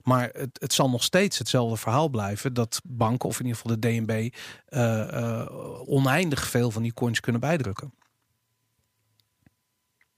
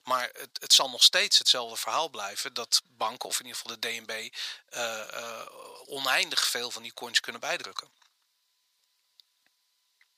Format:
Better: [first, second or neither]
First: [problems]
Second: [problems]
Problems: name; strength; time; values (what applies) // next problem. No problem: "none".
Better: first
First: none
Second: thin; very; fading below 900 Hz